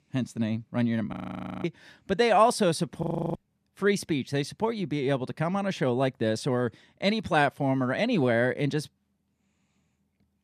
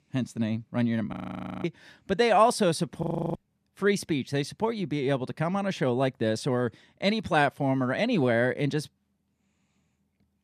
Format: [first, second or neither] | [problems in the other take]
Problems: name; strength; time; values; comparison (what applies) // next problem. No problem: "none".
neither | audio freezing; at 1 s for 0.5 s and at 3 s; the same in both